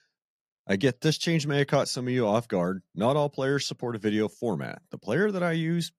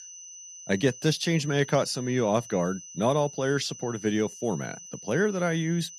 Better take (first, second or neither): first